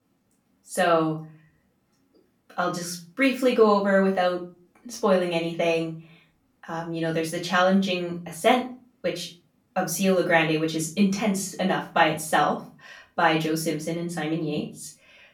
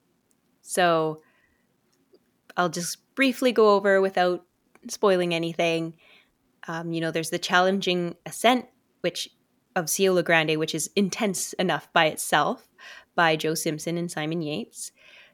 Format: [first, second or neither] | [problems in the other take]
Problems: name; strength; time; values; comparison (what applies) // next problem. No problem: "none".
second | off-mic speech; far // room echo; slight; dies away in 0.4 s